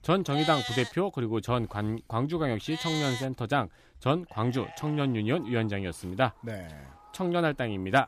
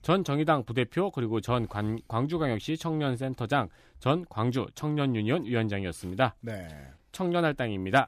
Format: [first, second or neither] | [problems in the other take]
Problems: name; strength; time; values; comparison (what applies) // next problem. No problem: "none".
second | animal sounds; loud; throughout; 6 dB below the speech